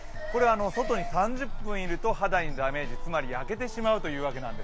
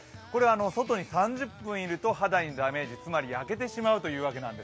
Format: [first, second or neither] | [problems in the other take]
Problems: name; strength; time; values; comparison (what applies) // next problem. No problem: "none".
second | background sound (Alarm); 2 dB below the speech